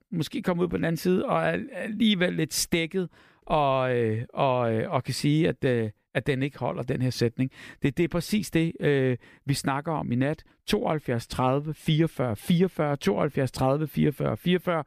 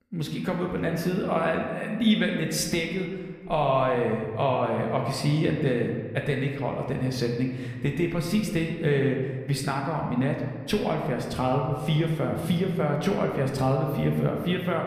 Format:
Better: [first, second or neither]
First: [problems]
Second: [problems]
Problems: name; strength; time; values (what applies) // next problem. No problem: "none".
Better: first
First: none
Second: room echo; slight; dies away in 1.3 s